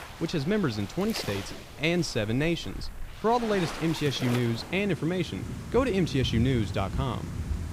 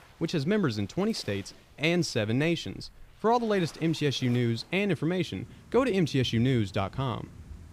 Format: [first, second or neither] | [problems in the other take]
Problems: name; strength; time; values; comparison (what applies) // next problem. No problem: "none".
second | rain or running water; loud; throughout; 10 dB below the speech; faint in the second